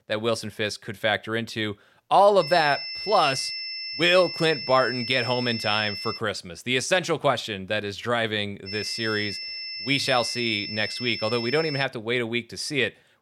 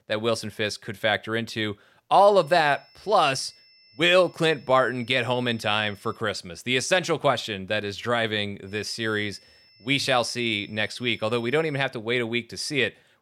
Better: second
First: high-pitched whine; loud; from 2.5 to 6 s and from 8.5 to 12 s; 5.5 kHz, 7 dB below the speech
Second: high-pitched whine; faint; from 2.5 to 6 s and from 8.5 to 12 s; 5.5 kHz, 30 dB below the speech

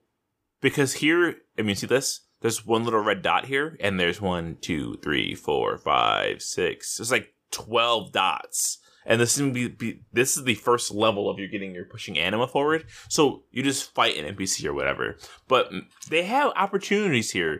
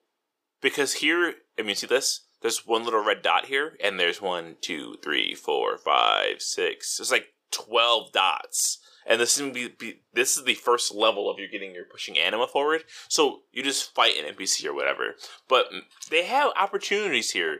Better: first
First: none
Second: thin; somewhat; fading below 450 Hz

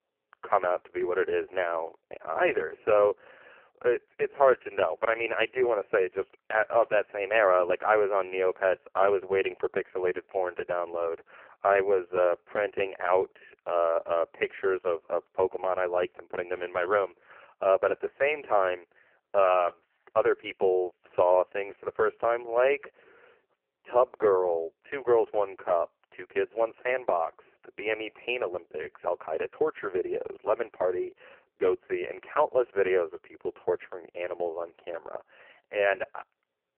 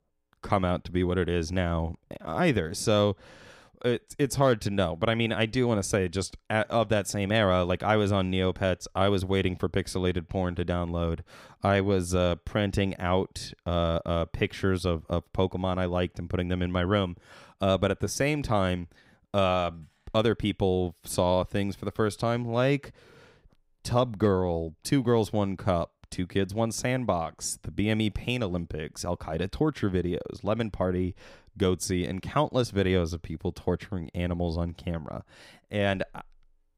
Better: second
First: phone-call audio; poor line; nothing above 3 kHz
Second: none

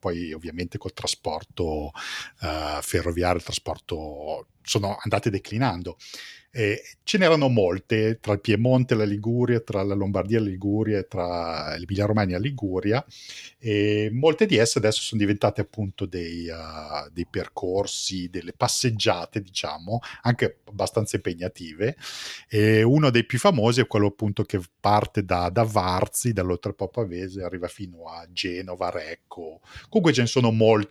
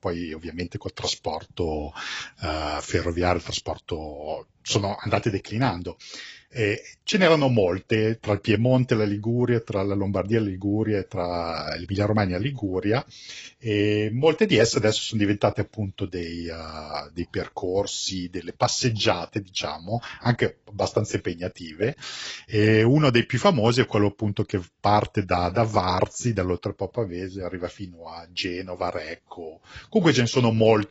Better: first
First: none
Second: garbled, watery; badly; nothing above 7.5 kHz

